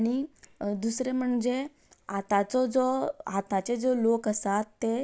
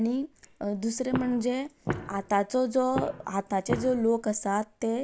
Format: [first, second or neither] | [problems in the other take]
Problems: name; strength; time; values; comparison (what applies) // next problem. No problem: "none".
first | background sound (Walk, footsteps); 8 dB below the speech